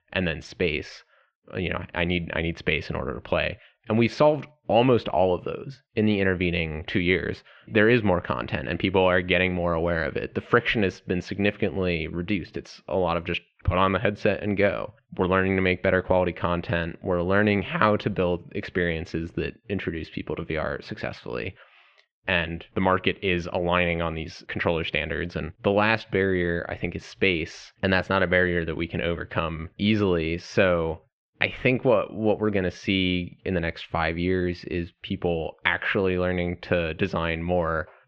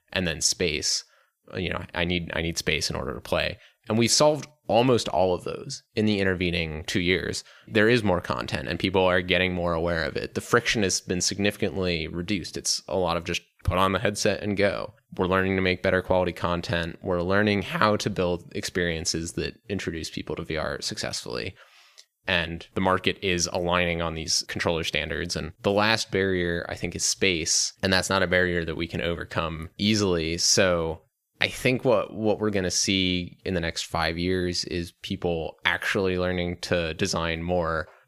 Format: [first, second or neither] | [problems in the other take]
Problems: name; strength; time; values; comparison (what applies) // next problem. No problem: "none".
second | muffled; very; fading above 3 kHz